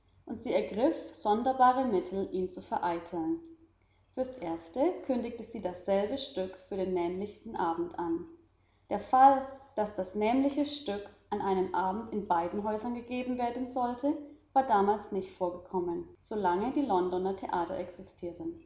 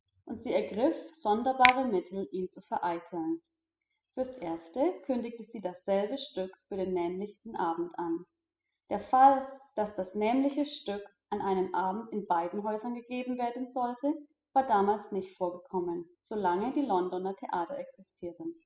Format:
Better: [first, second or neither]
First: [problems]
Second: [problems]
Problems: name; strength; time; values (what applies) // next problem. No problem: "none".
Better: first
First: none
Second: noise reduction (classical method spectral subtraction)